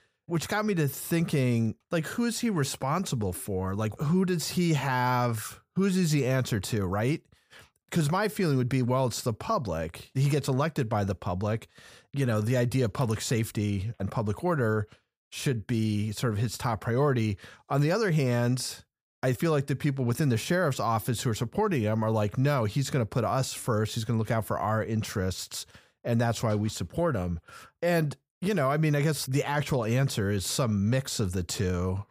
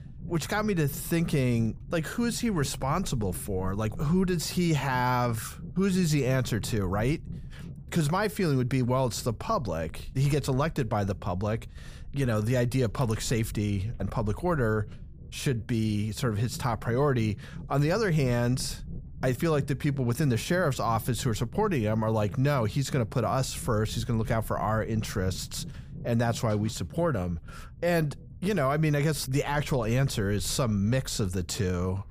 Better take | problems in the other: first | low rumble; faint; throughout; 25 dB below the speech

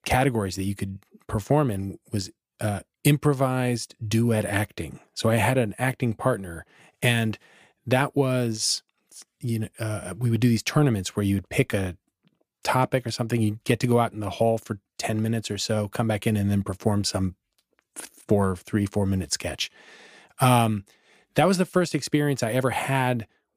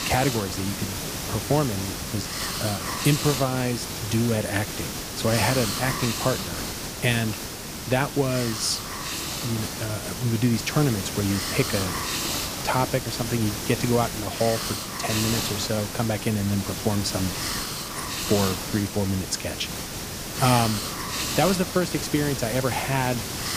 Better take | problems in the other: first | hiss; loud; throughout; 3 dB below the speech

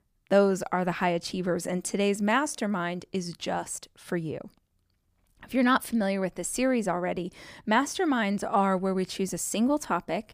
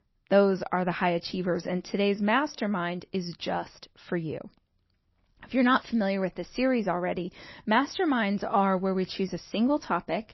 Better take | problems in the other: first | garbled, watery; slightly; nothing above 5.5 kHz

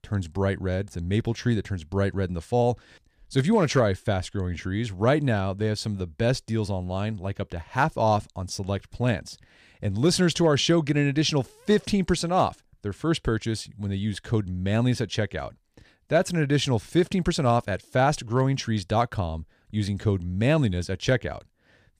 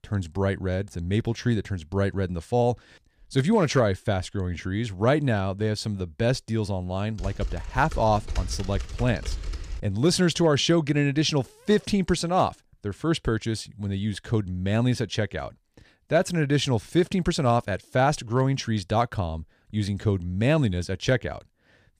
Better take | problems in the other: first | keyboard typing; noticeable; from 7 to 10 s; peak 7 dB below the speech

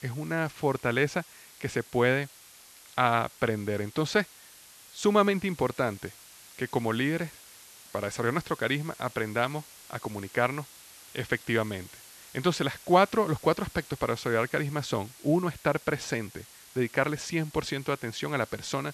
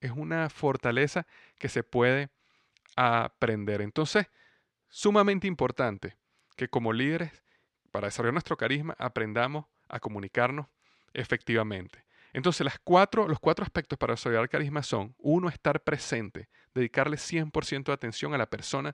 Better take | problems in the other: second | hiss; noticeable; throughout; 20 dB below the speech

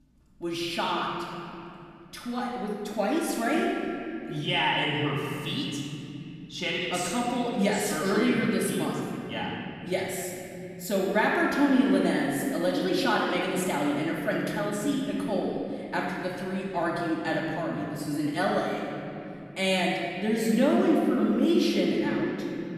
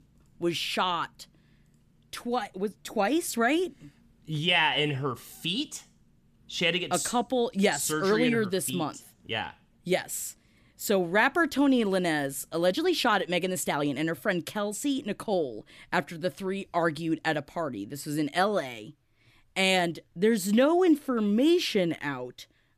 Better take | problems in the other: second | off-mic speech; far // room echo; noticeable; dies away in 3 s

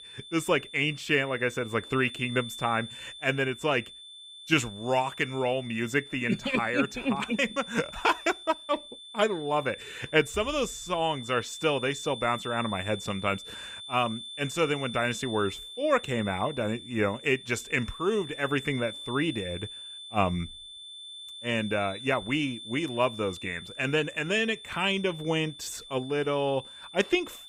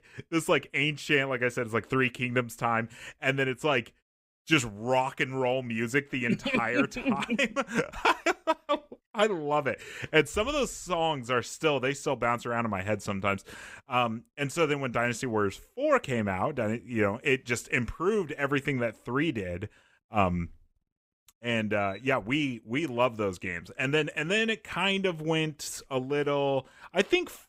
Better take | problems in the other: second | high-pitched whine; noticeable; throughout; 3.5 kHz, 10 dB below the speech

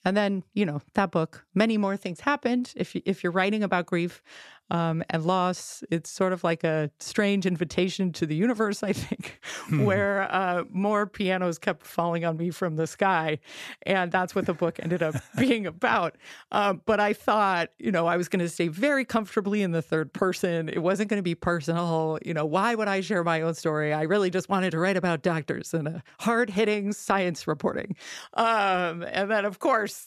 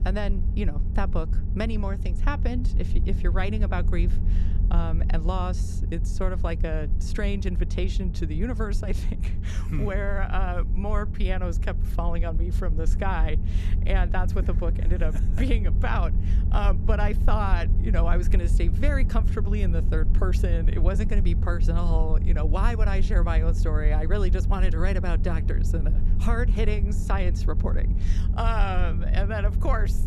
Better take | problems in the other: first | low rumble; noticeable; throughout; 10 dB below the speech

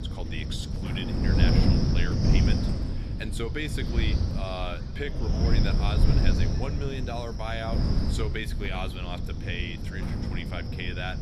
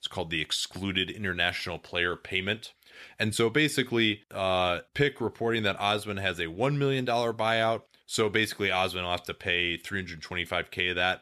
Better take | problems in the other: second | wind noise on the microphone; heavy; 2 dB below the speech

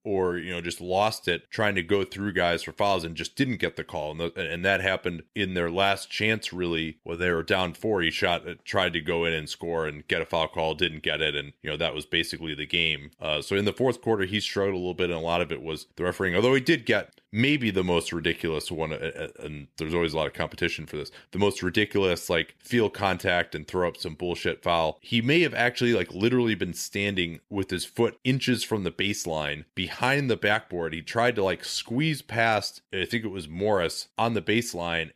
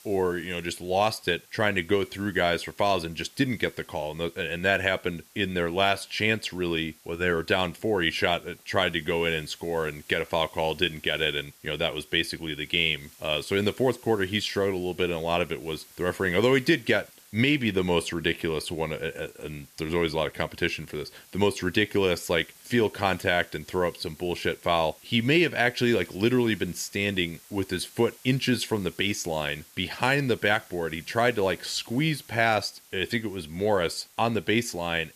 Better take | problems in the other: first | hiss; faint; throughout; 25 dB below the speech

